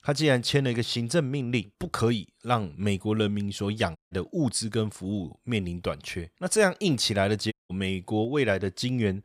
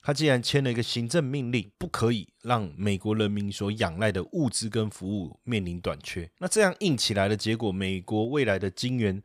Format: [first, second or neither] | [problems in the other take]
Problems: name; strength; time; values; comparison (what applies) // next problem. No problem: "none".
second | audio cutting out; at 4 s and at 7.5 s